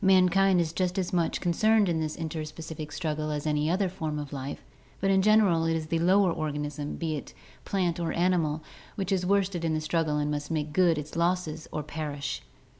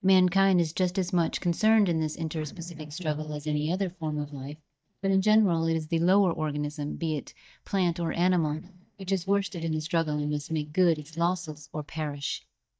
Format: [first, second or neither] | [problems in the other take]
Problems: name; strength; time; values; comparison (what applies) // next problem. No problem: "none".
first | noise reduction (neural mask model DeepFilterNet 3)